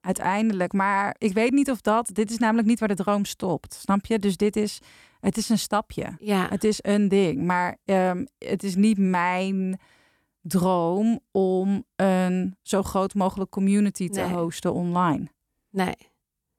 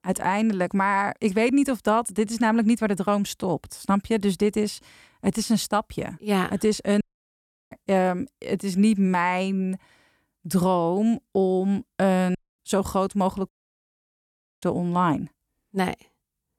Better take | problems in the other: first | audio cutting out; at 7 s for 0.5 s, at 12 s and at 13 s for 1 s

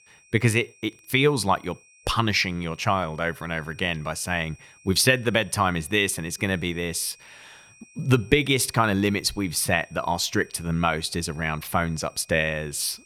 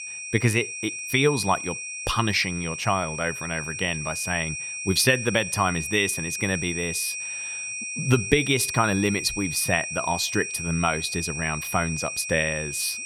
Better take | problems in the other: first | high-pitched whine; loud; throughout; 2.5 kHz, 5 dB below the speech; faint in the first

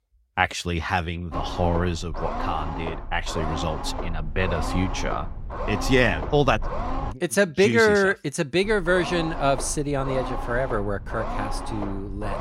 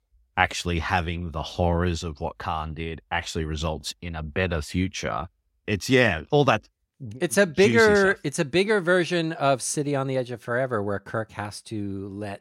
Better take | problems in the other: second | low rumble; loud; from 1.5 to 7 s and from 8.5 s on; 8 dB below the speech

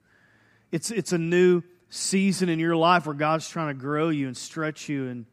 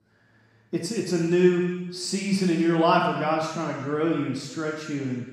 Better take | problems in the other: first | room echo; noticeable; dies away in 1.1 s // off-mic speech; somewhat distant

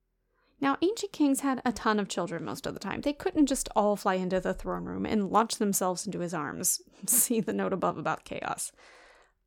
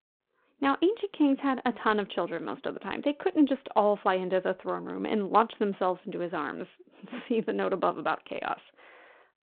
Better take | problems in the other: first | phone-call audio

